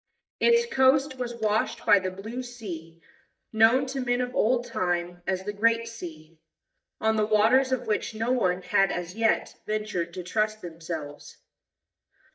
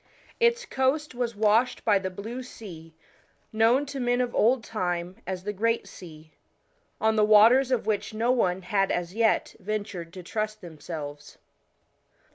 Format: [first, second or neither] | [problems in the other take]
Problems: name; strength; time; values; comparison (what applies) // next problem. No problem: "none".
second | noise reduction (neural mask model DeepFilterNet 3)